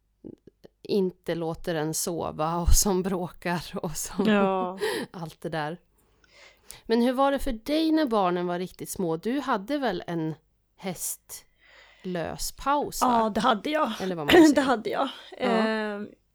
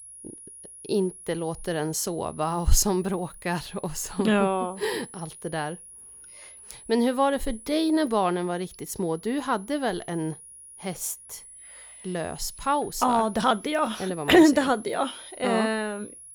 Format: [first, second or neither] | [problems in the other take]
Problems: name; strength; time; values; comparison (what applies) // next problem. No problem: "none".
first | high-pitched whine; noticeable; throughout; 10.5 kHz, 20 dB below the speech